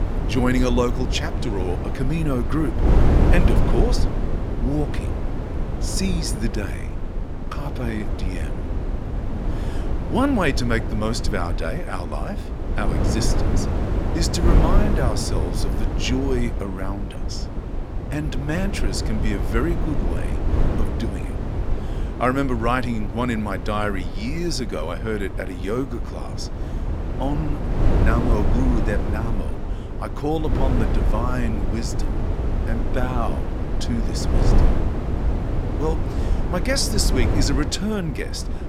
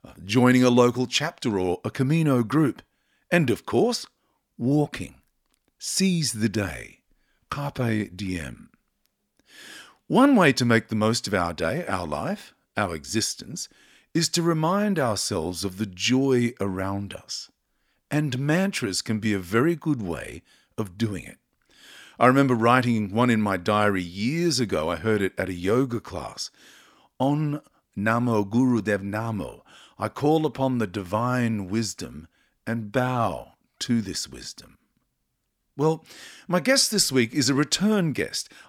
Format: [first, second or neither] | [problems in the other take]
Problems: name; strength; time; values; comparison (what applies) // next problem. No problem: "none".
second | wind noise on the microphone; heavy; 5 dB below the speech